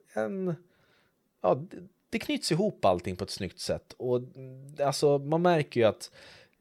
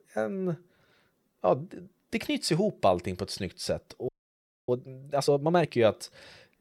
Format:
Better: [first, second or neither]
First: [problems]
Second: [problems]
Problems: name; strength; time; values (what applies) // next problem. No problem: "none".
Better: first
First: none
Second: audio freezing; at 4 s for 0.5 s